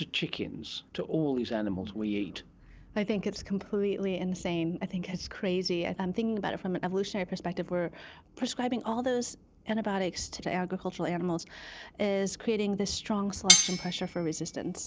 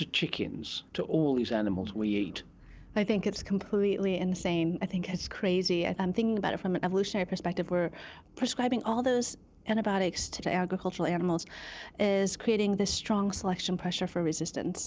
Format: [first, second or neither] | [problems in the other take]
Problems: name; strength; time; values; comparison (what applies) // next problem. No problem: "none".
second | background sound (Cutlery, silverware); 5 dB above the speech